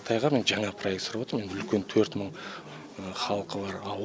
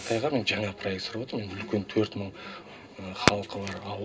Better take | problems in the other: first | background sound (Fireworks); 5 dB below the speech // room echo; dies away in 0.2 s

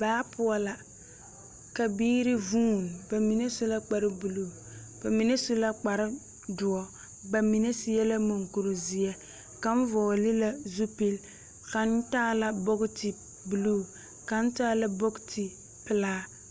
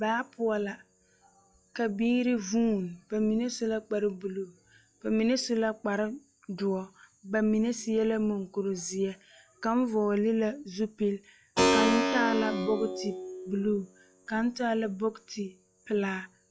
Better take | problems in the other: first | noise reduction (classical method log-MMSE)

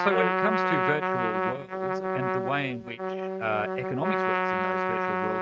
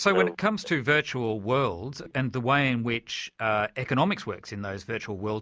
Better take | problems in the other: second | noise reduction (neural mask model RNNoise)

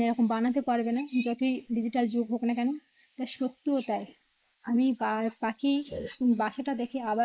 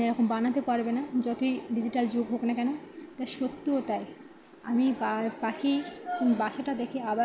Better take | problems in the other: second | noise reduction (neural mask model Resemble Enhance denoiser)

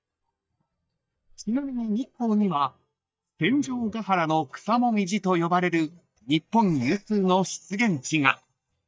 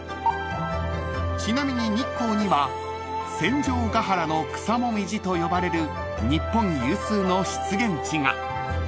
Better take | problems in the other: second | noise reduction (neural mask model DeepFilterNet 3)

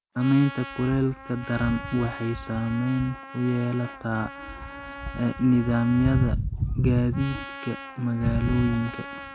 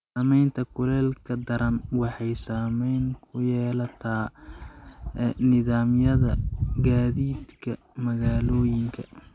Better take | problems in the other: second | background sound (Trumpet); 15 dB below the speech

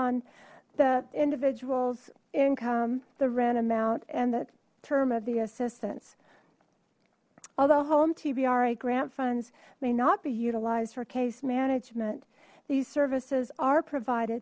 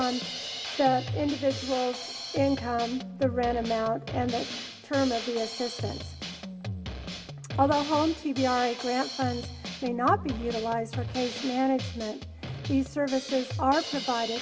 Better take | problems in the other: first | background sound (Drum kit); 7 dB below the speech // room echo; dies away in 0.7 s

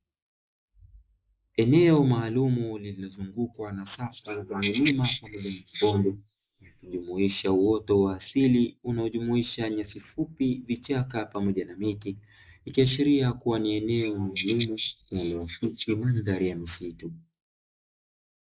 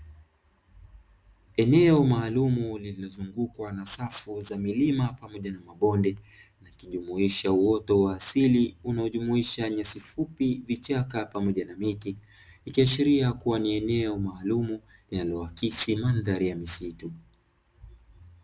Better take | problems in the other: second | noise reduction (neural mask model Resemble Enhance denoiser)

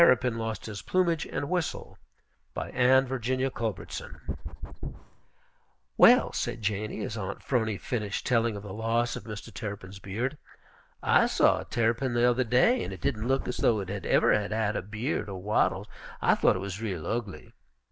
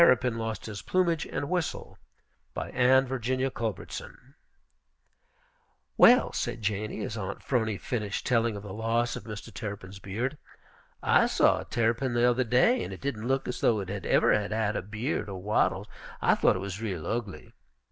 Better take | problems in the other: second | background sound (Dog); 9 dB below the speech

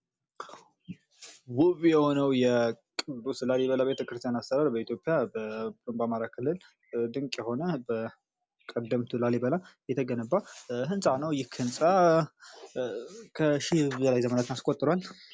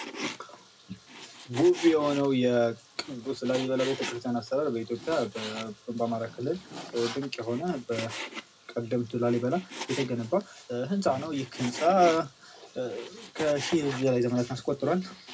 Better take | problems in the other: first | background sound (Frying (food)); 13 dB below the speech // room echo; dies away in 0.2 s

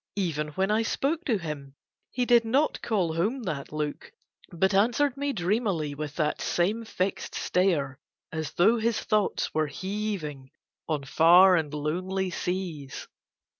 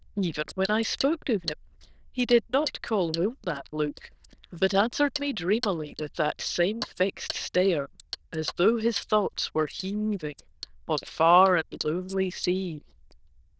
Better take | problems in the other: first | noise reduction (neural diffusion model UNIVERSE++)

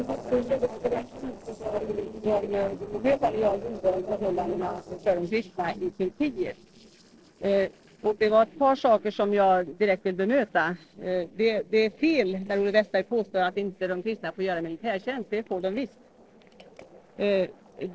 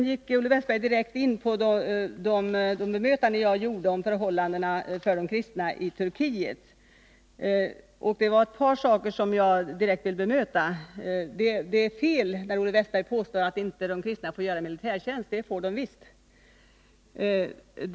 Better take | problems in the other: second | noise reduction (neural separator model SepFormer DNS4)

